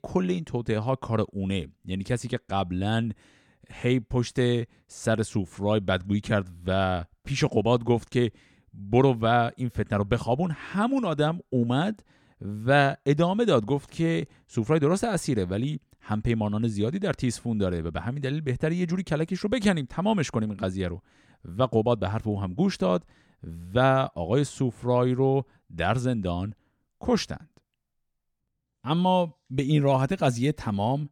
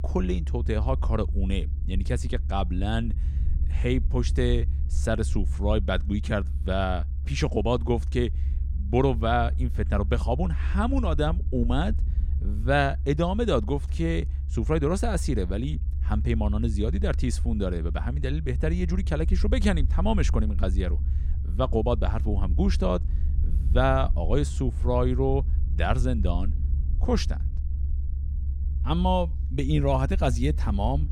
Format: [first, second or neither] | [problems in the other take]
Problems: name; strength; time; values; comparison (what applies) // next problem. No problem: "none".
first | low rumble; noticeable; throughout; 20 dB below the speech